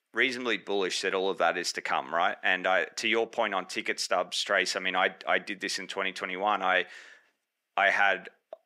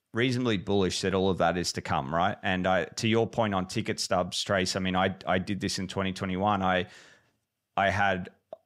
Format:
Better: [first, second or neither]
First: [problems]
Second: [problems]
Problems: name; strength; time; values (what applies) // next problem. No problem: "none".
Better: second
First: thin; somewhat; fading below 300 Hz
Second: none